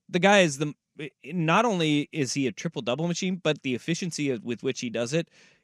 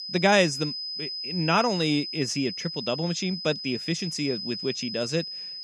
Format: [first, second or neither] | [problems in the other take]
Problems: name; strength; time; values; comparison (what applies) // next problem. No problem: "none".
first | high-pitched whine; loud; throughout; 5 kHz, 5 dB below the speech